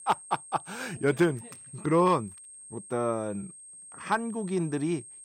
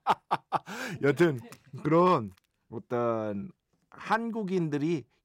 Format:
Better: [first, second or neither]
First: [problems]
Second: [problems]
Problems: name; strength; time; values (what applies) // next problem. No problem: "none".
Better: second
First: high-pitched whine; noticeable; throughout; 8.5 kHz, 15 dB below the speech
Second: none